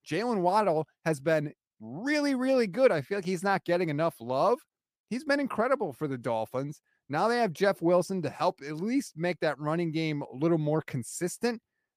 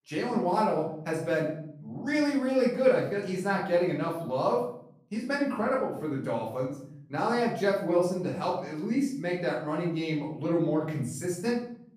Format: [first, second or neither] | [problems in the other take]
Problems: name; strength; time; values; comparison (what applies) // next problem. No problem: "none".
first | room echo; noticeable; dies away in 0.6 s // off-mic speech; far